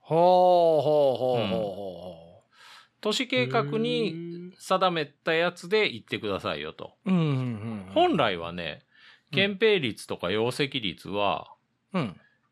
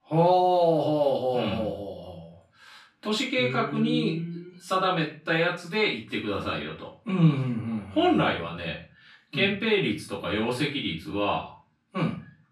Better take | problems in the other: first | off-mic speech; far // room echo; slight; dies away in 0.3 s

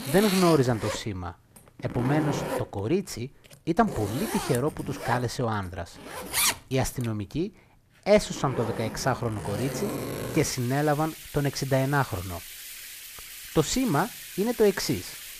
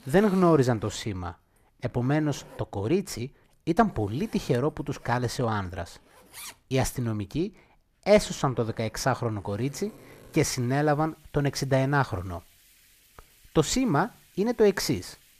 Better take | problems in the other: second | household noises; loud; throughout; 6 dB below the speech; faint in the second

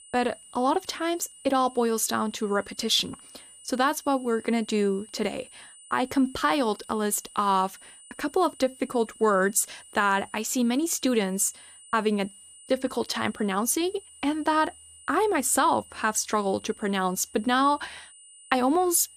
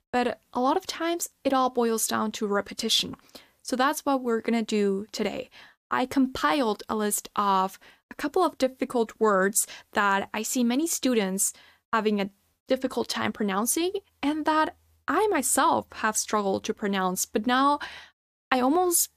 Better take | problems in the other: second | high-pitched whine; faint; throughout; 9 kHz, 20 dB below the speech

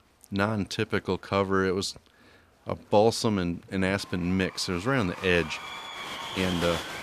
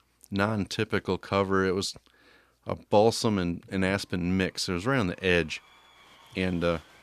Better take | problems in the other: second | crowd noise; loud; throughout; 9 dB below the speech; faint in the second

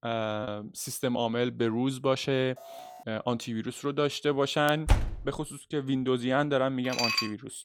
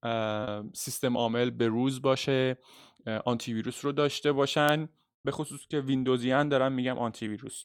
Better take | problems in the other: second | alarm; faint; at 2.5 s; peak 15 dB below the speech // door banging; loud; at 5 s; peak 1 dB above the speech // clattering dishes; loud; at 7 s; peak 3 dB above the speech

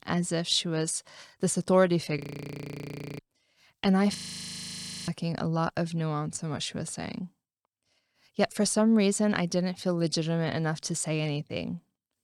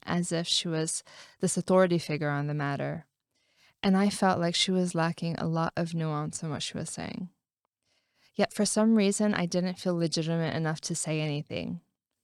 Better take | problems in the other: second | audio freezing; at 2 s for 1 s and at 4 s for 1 s

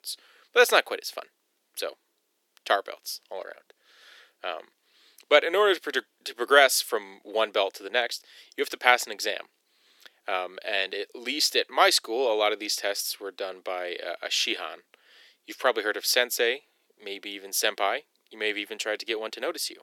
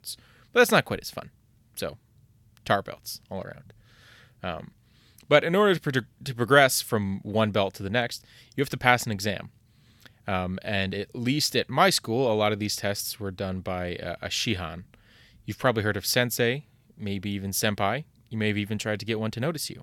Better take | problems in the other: second | thin; very; fading below 350 Hz

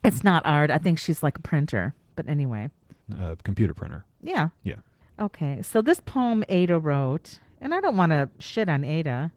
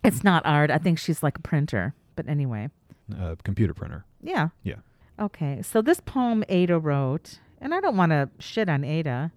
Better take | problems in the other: second | garbled, watery; slightly

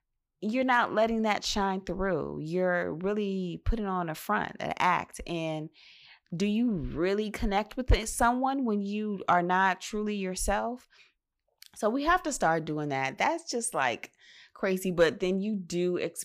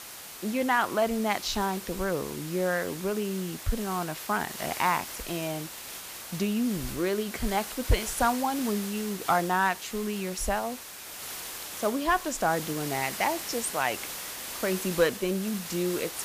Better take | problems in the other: first | hiss; loud; throughout; 8 dB below the speech

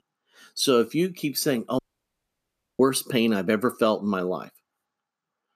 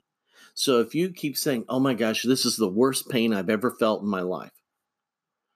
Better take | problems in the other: second | audio cutting out; at 2 s for 1 s

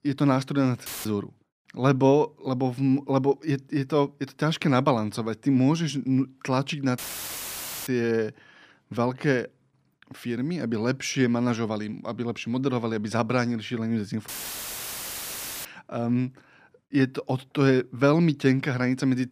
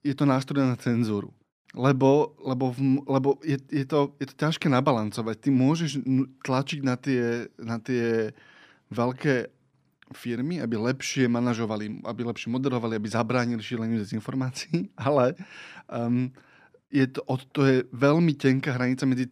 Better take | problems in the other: second | audio cutting out; filled with static; at 1 s, at 7 s for 1 s and at 14 s for 1.5 s

